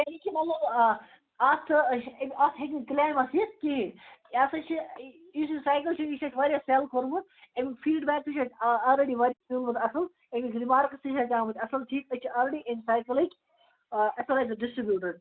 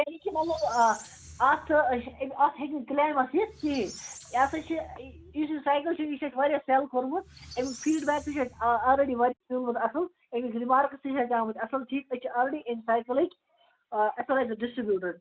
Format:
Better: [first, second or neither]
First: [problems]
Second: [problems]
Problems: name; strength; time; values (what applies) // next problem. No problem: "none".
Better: first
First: none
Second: background sound (Squeak); 20 dB below the speech